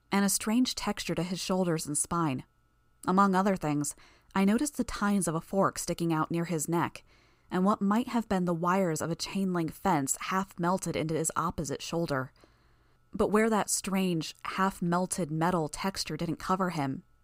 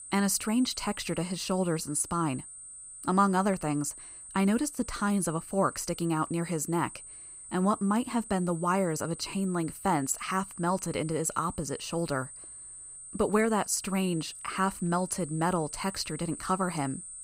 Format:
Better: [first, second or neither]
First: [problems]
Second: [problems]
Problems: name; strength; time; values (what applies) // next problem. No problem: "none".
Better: first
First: none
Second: high-pitched whine; noticeable; throughout; 8.5 kHz, 15 dB below the speech